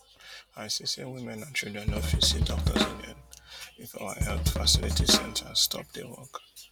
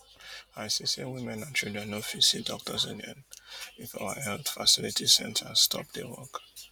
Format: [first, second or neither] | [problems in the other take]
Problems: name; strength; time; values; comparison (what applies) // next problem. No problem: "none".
second | background sound (Drum kit); 2 dB above the speech